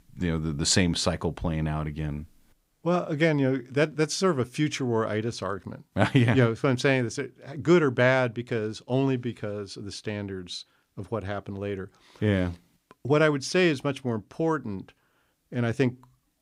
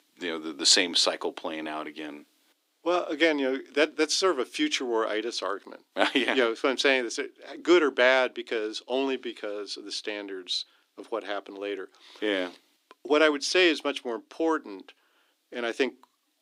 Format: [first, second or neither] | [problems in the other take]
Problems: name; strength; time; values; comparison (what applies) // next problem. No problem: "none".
first | thin; somewhat; fading below 300 Hz